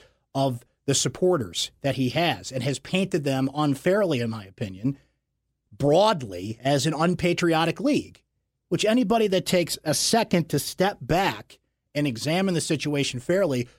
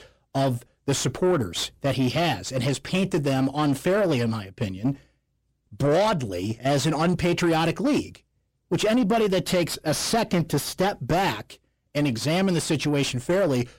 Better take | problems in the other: first | distortion; slight; 10 dB below the speech

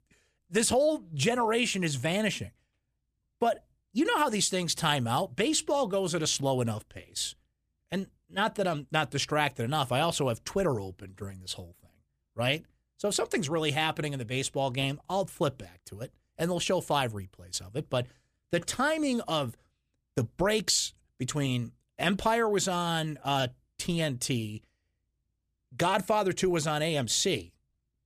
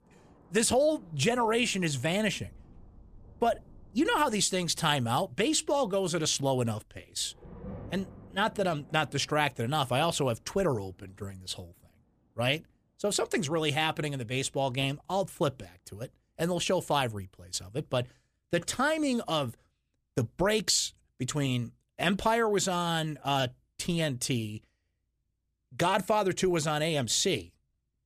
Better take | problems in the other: first | rain or running water; faint; throughout; 25 dB below the speech

